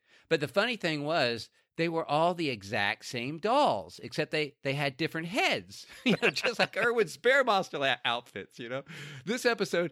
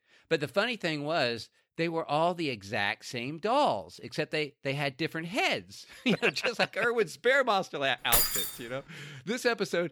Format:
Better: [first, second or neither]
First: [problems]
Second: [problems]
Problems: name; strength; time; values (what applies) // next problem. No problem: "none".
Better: first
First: none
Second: jangling keys; loud; at 8 s; peak 6 dB above the speech